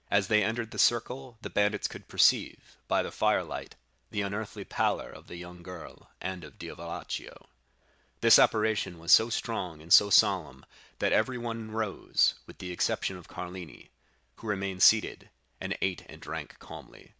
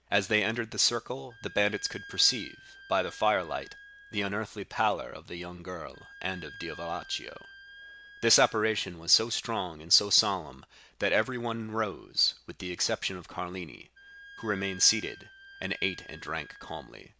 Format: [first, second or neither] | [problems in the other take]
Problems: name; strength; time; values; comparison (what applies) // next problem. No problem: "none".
first | background sound (Wind instrument, woodwind instrument); 19 dB below the speech